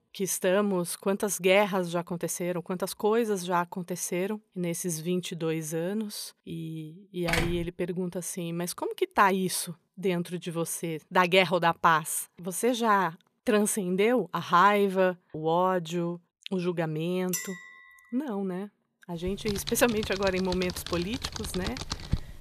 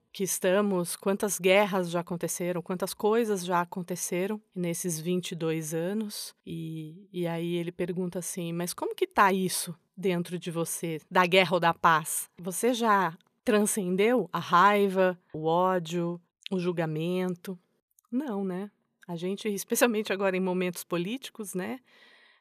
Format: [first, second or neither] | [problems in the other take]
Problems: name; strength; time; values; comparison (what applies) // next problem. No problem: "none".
second | door banging; noticeable; at 7.5 s; peak 2 dB below the speech // clattering dishes; noticeable; at 17 s; peak 6 dB below the speech // keyboard typing; noticeable; from 19 s on; peak 5 dB below the speech